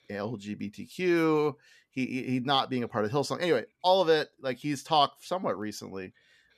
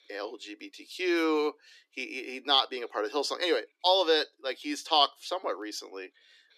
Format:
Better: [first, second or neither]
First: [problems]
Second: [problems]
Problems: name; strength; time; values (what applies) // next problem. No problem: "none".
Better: first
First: none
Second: thin; somewhat; fading below 300 Hz